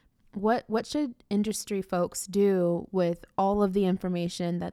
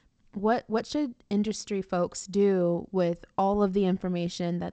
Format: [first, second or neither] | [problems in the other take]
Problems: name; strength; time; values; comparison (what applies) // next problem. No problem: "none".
first | garbled, watery; slightly; nothing above 8 kHz